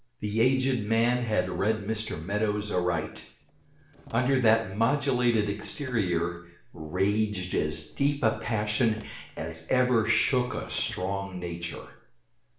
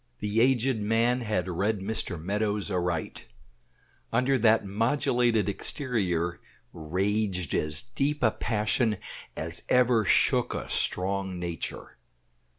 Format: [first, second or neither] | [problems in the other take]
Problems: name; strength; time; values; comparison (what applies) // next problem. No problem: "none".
second | noise reduction (neural separator model SepFormer DNS4)